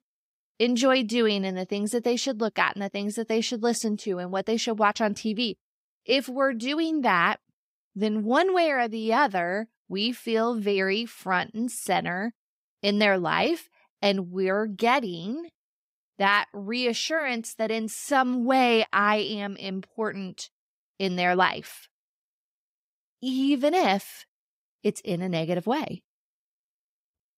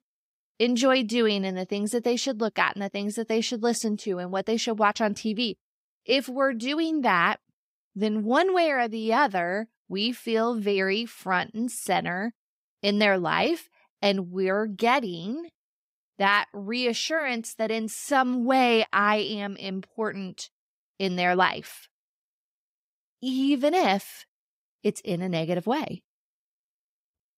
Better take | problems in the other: neither | none

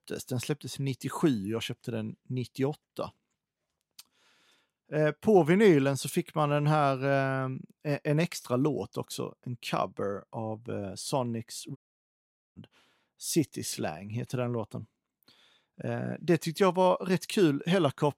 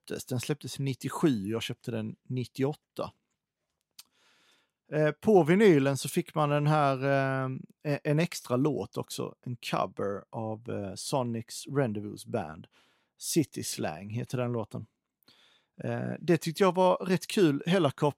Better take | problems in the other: second | audio cutting out; at 12 s for 1 s

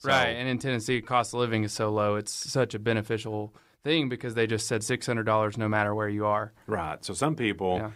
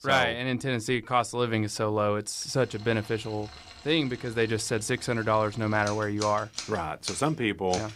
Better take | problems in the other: first | household noises; noticeable; from 2.5 s on; 15 dB below the speech

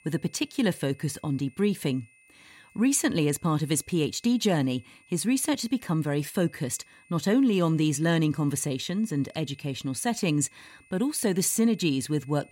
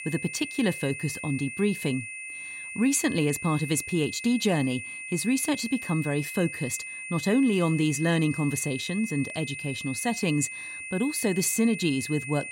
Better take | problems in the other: first | high-pitched whine; loud; throughout; 2.5 kHz, 8 dB below the speech; faint in the first

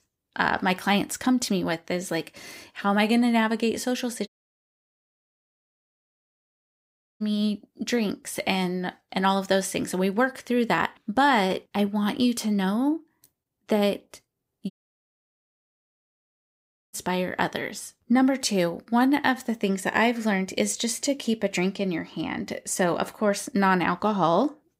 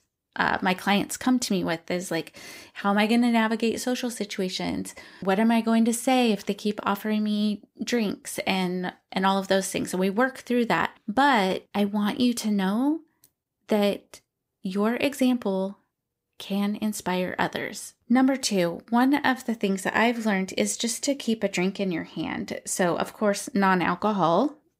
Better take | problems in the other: second | audio cutting out; at 4.5 s for 3 s and at 15 s for 2 s

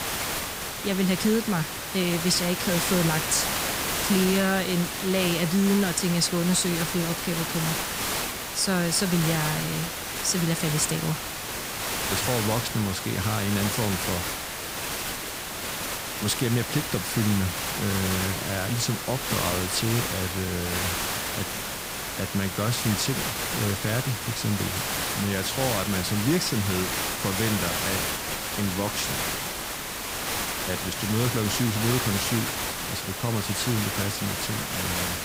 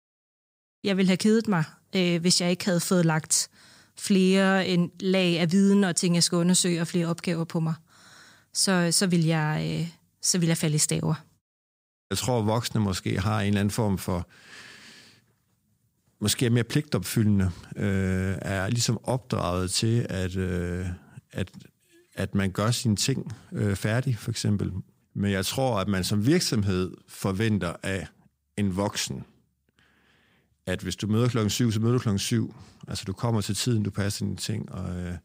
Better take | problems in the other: second | hiss; loud; throughout; 1 dB below the speech

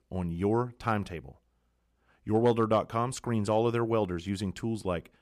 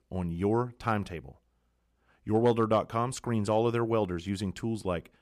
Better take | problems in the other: neither | none

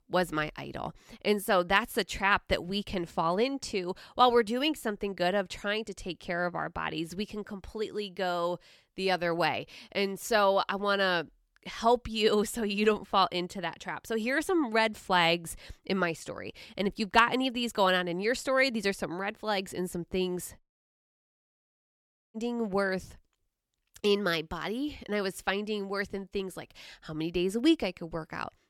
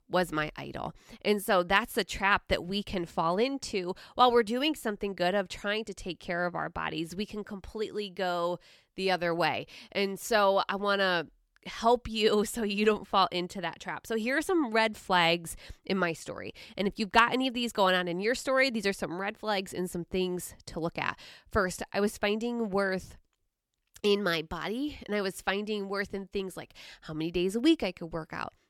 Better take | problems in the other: second | audio cutting out; at 21 s for 1.5 s

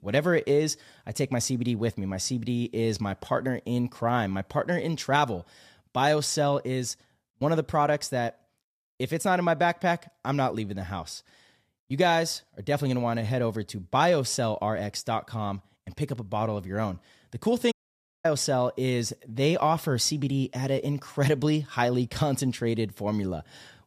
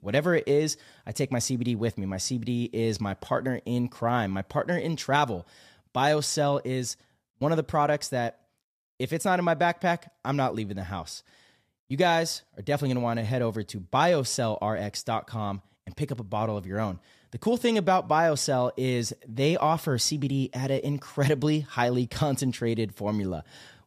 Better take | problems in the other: second | audio cutting out; at 18 s for 0.5 s

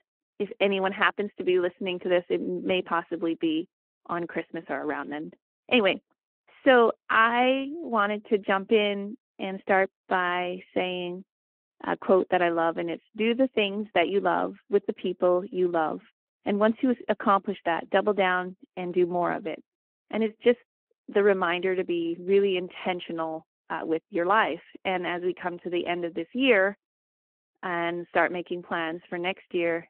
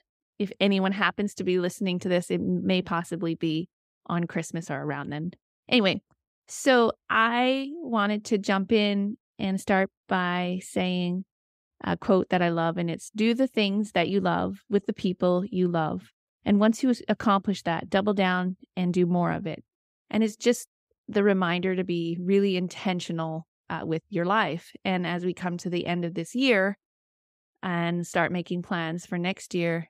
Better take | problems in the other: second | phone-call audio

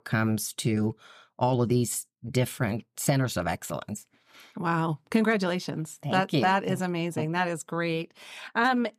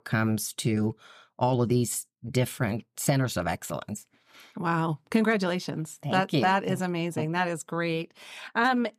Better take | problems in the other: neither | none

